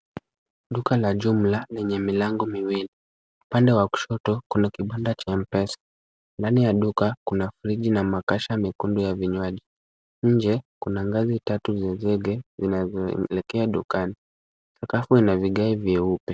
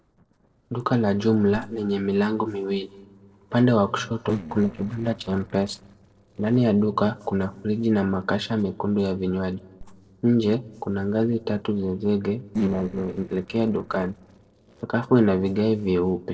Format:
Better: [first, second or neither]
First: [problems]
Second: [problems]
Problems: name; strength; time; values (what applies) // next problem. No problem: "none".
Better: first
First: none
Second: noise reduction (neural separator model SepFormer DNS4)